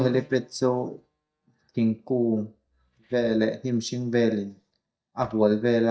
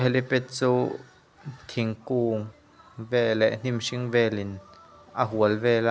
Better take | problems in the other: second | noise reduction (neural mask model DeepFilterNet 3)

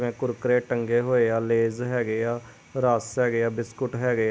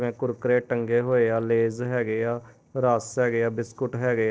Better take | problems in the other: first | noise reduction (neural separator model SepFormer DNS4)

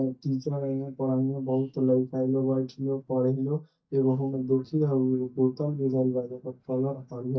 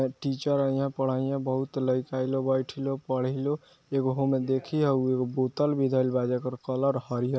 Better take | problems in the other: second | noise reduction (neural mask model DeepFilterNet 3)

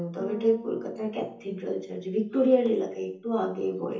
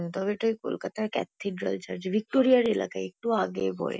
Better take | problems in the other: second | noise reduction (neural separator model SepFormer DNS4)

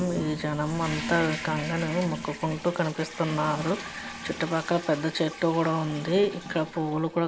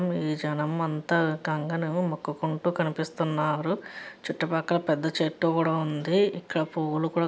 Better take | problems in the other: second | background sound (Toilet flush); 10 dB below the speech

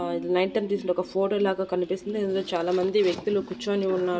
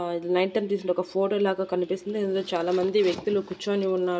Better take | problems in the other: second | background sound (Sneeze); 17 dB below the speech

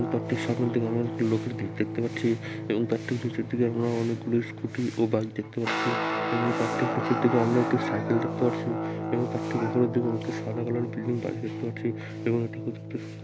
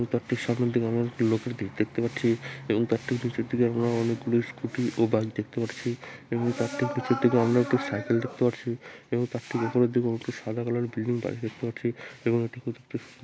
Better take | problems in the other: second | background sound (Guitar); 4 dB below the speech

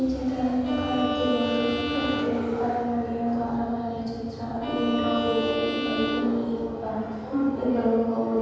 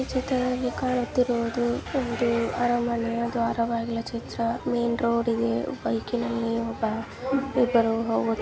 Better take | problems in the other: second | background sound (Bowed string instrument); 6 dB below the speech // room echo; dies away in 1.2 s

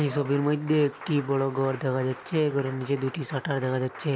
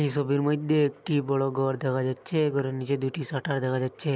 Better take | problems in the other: second | background sound (Applause); 17 dB below the speech

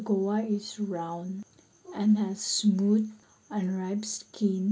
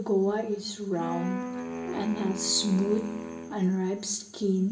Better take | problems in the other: first | background sound (Wind instrument, woodwind instrument); 9 dB below the speech // room echo; dies away in 0.6 s

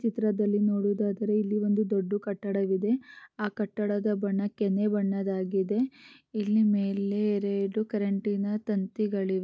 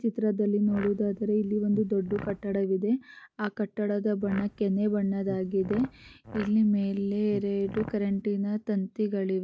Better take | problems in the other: first | background sound (Fart); 15 dB below the speech

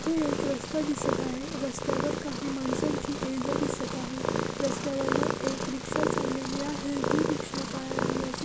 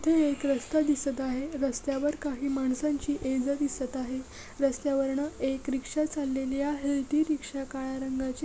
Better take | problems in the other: second | background sound (Purr); 2 dB above the speech

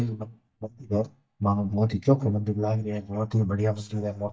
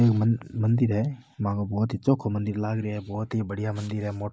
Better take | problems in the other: second | noise reduction (neural mask model DeepFilterNet 3)

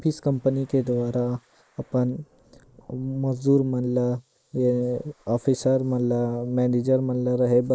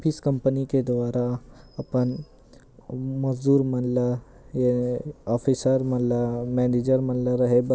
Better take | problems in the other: second | noise reduction (neural mask model Resemble Enhance denoiser)

